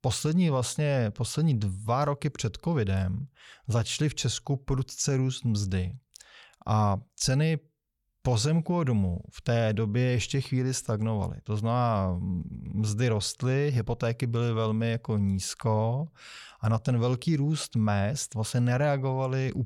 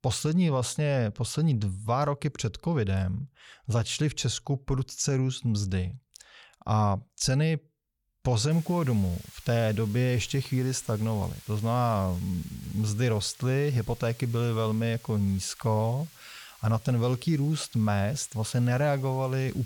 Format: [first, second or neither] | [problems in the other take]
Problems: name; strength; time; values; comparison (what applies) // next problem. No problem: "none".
first | hiss; faint; from 8.5 s on; 20 dB below the speech